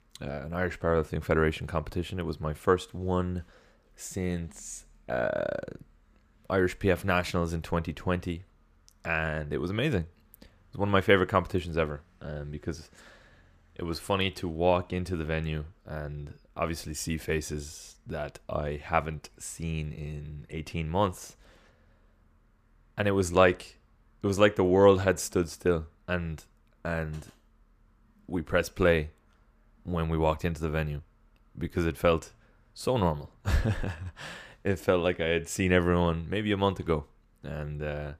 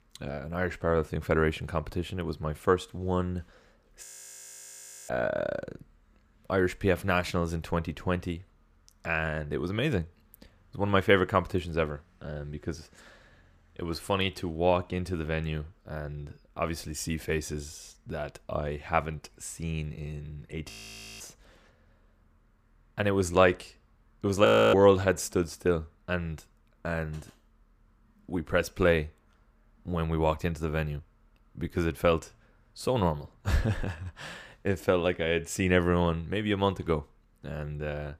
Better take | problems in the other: first | audio freezing; at 4 s for 1 s, at 21 s for 0.5 s and at 24 s

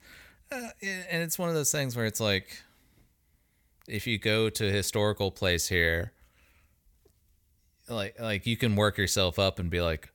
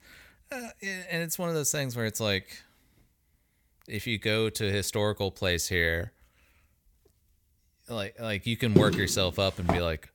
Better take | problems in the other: first | footsteps; loud; from 9 s on; peak 5 dB above the speech

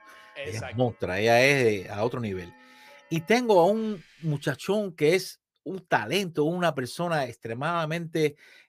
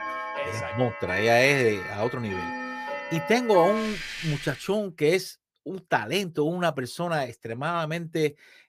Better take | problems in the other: first | household noises; loud; until 4.5 s; 7 dB below the speech; faint in the first

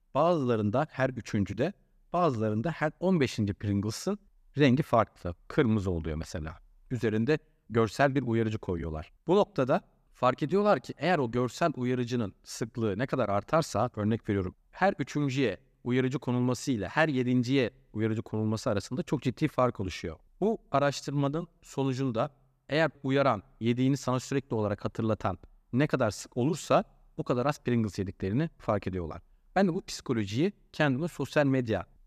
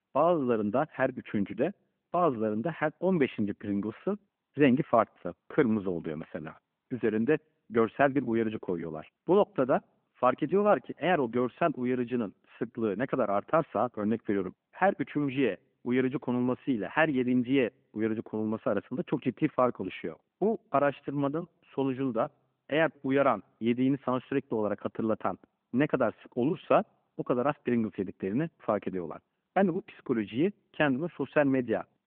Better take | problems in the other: first | phone-call audio

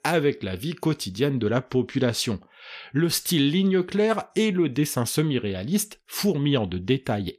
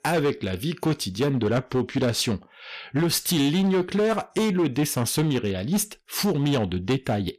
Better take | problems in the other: first | distortion; slight; 12% of the sound clipped

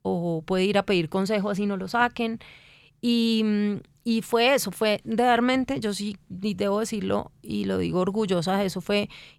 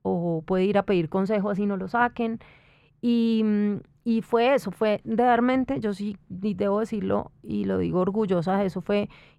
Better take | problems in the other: first | muffled; slightly; fading above 2.5 kHz

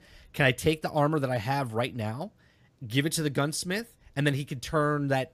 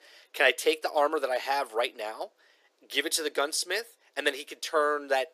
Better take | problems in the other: first | thin; very; fading below 350 Hz

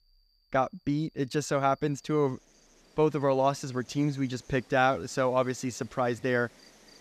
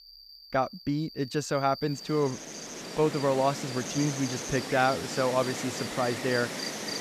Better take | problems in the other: first | animal sounds; loud; throughout; 7 dB below the speech; faint in the first

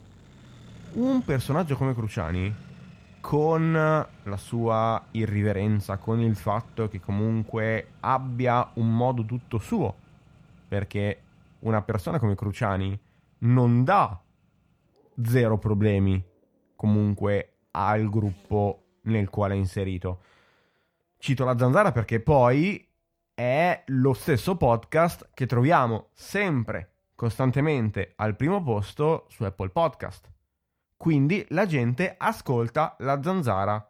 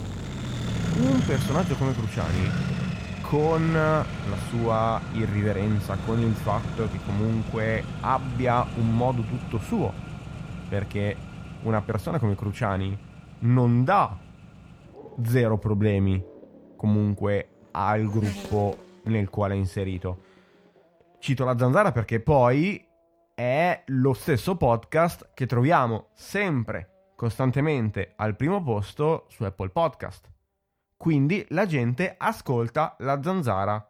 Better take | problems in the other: first | traffic noise; loud; throughout; 8 dB below the speech; faint in the first

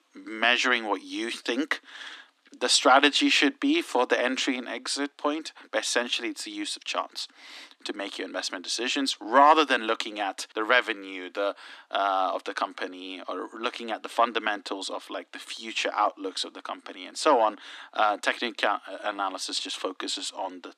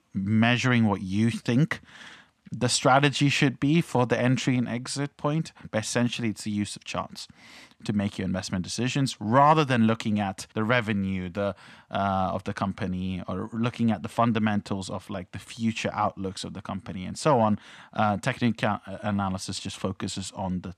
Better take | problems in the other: second | thin; somewhat; fading below 250 Hz

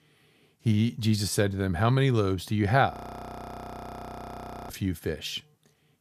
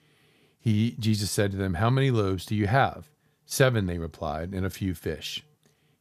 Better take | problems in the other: second | audio freezing; at 3 s for 2 s

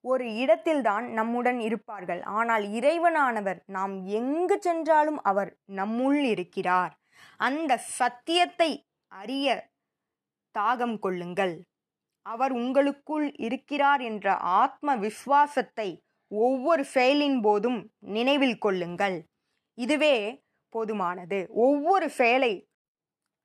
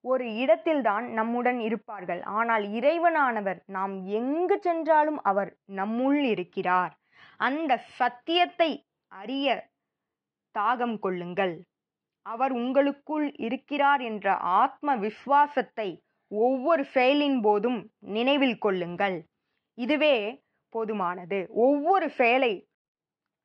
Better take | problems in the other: first | muffled; slightly; fading above 4 kHz

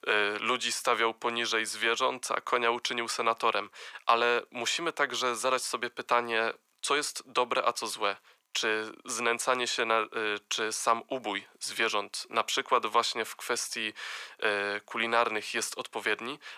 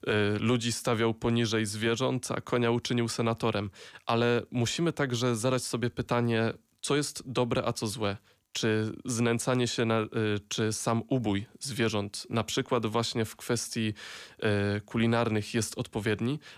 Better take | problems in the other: second | thin; very; fading below 600 Hz

